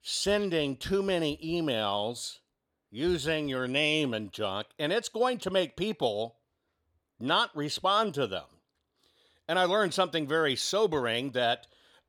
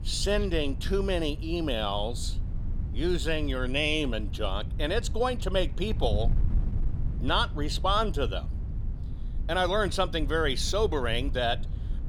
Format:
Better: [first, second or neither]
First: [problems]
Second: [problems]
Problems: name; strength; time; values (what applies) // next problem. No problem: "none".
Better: first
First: none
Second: wind noise on the microphone; occasional gusts; 20 dB below the speech